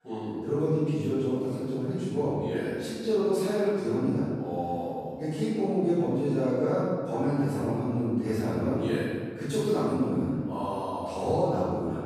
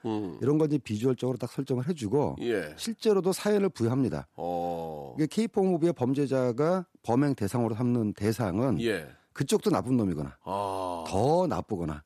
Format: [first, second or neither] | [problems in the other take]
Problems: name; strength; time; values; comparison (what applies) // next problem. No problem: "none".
second | room echo; strong; dies away in 1.7 s // off-mic speech; far